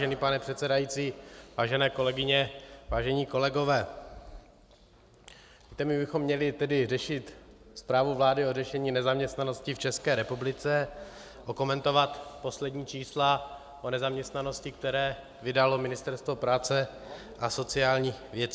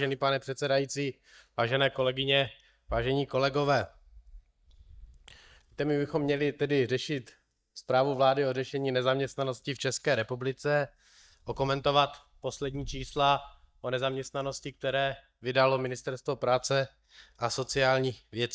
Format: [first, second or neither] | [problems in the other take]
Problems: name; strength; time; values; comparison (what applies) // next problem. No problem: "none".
first | noise reduction (neural mask model DeepFilterNet 3)